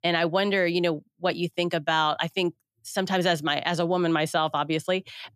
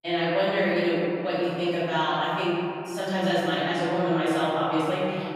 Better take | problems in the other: first | off-mic speech; far // room echo; strong; dies away in 2.7 s

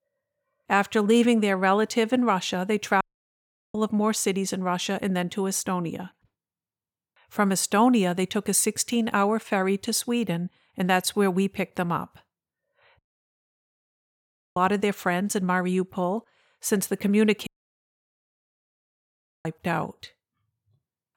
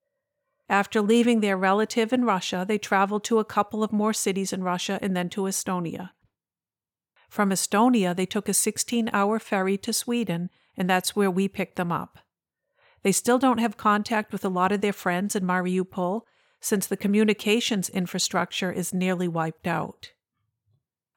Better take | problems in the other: second | audio cutting out; at 3 s for 0.5 s, at 13 s for 1.5 s and at 17 s for 2 s

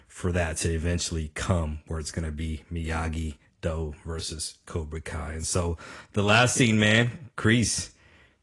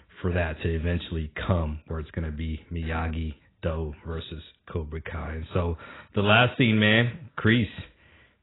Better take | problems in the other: first | garbled, watery; badly; nothing above 4 kHz; slightly in the first

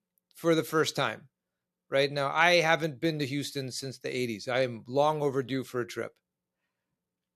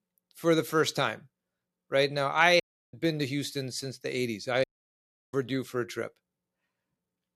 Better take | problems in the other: first | audio cutting out; at 2.5 s and at 4.5 s for 0.5 s

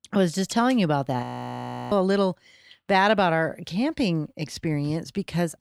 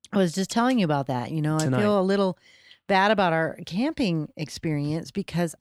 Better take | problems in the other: second | audio freezing; at 1 s for 0.5 s

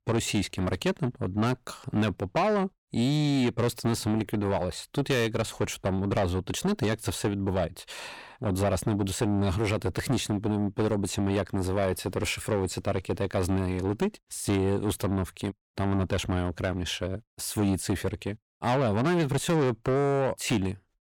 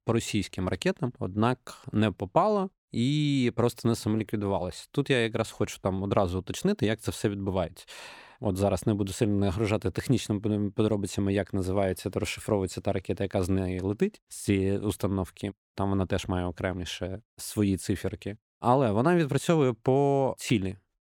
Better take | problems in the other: second | distortion; heavy; 7 dB below the speech

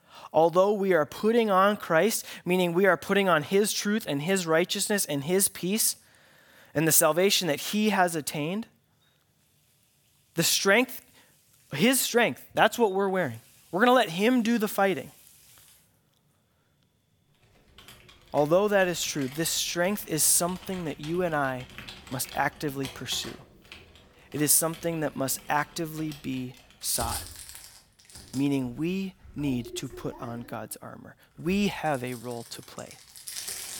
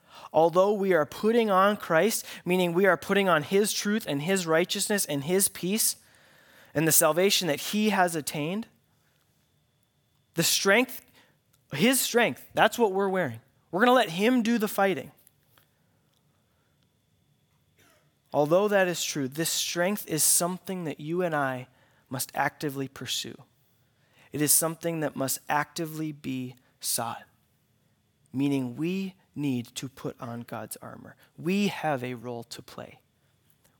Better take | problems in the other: second | household noises; noticeable; throughout; 20 dB below the speech

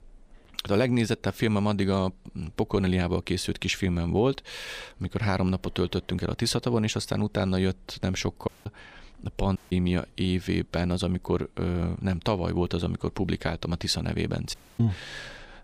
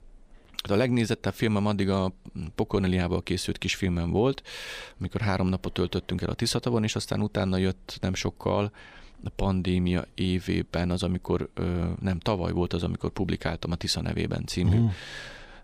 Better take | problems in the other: second | audio cutting out; at 8.5 s, at 9.5 s and at 15 s

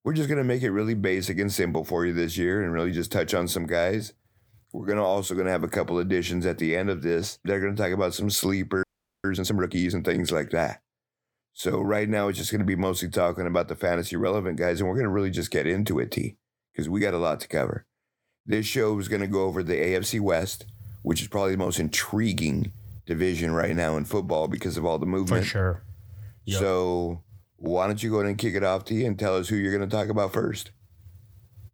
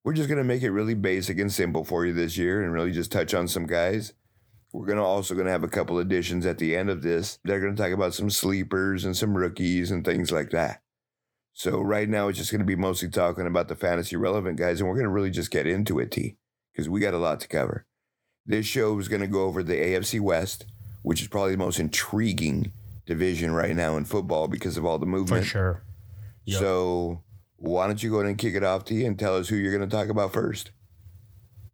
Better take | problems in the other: second | audio freezing; at 9 s

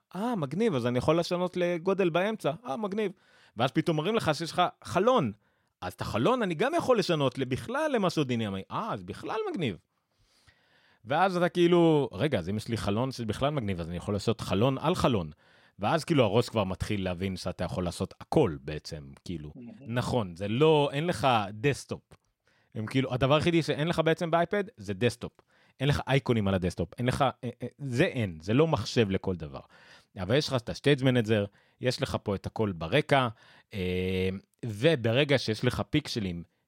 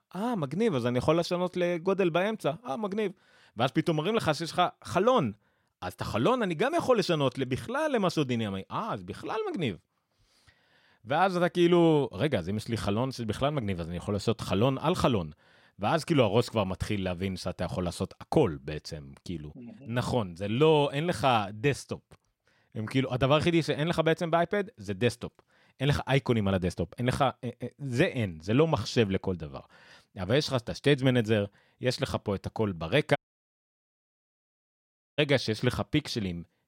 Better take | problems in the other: first | audio cutting out; at 33 s for 2 s

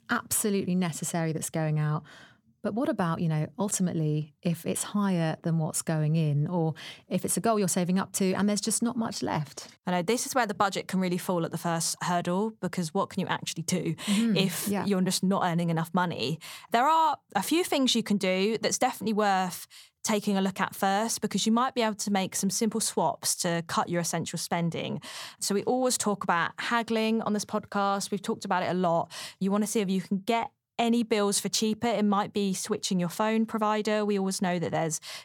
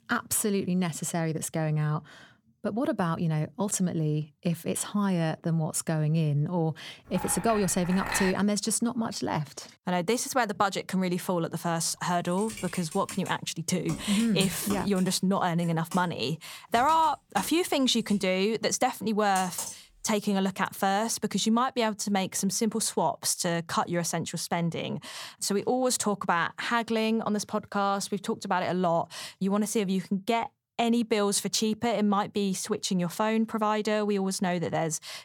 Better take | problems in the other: first | clattering dishes; noticeable; from 7 to 8.5 s; peak 3 dB below the speech // keyboard typing; noticeable; from 12 to 20 s; peak 7 dB below the speech

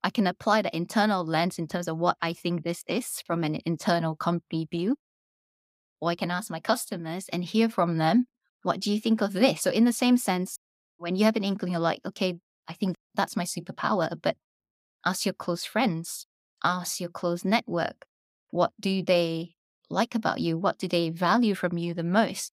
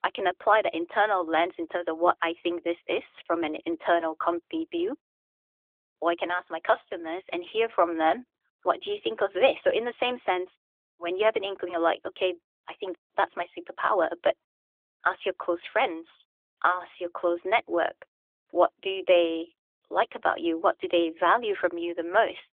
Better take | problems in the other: first | phone-call audio; nothing above 3.5 kHz

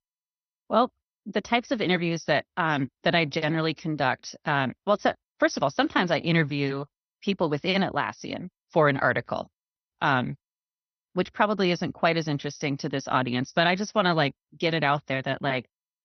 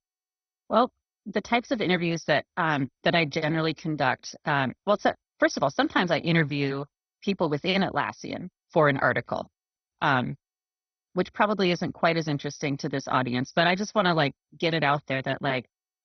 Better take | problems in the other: first | garbled, watery; badly; nothing above 6 kHz; slightly in the first

